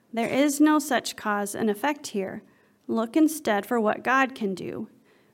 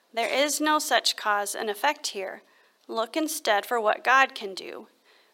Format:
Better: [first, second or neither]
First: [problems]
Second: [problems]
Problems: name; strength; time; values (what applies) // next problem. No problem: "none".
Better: first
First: none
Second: thin; somewhat; fading below 650 Hz